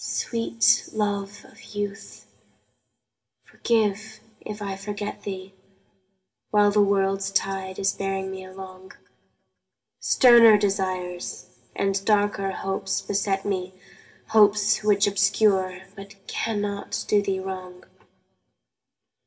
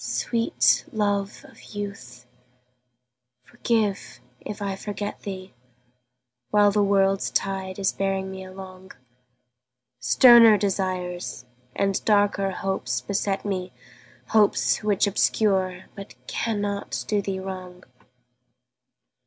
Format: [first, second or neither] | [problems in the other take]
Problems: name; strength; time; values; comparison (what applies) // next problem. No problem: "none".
second | room echo; dies away in 0.7 s